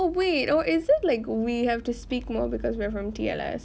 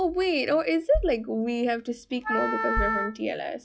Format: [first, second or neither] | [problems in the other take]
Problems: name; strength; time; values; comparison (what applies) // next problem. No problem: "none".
first | noise reduction (classical method log-MMSE)